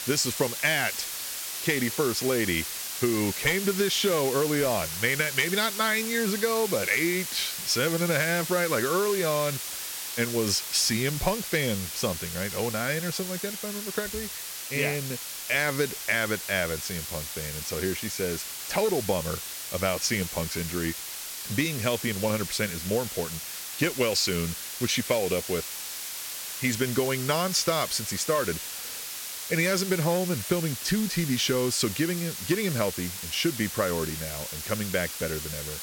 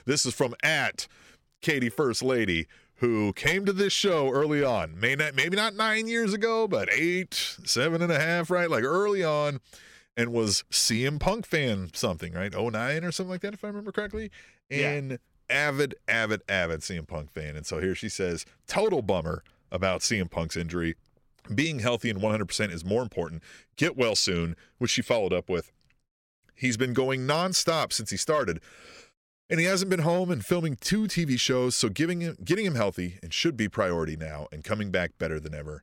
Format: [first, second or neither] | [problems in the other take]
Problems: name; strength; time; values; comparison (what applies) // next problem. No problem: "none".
second | hiss; loud; throughout; 5 dB below the speech